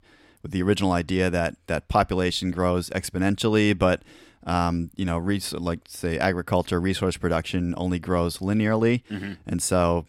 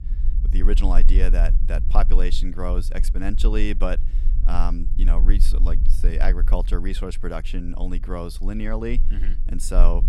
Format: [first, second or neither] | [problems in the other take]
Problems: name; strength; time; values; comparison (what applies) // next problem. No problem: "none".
first | low rumble; noticeable; throughout; 15 dB below the speech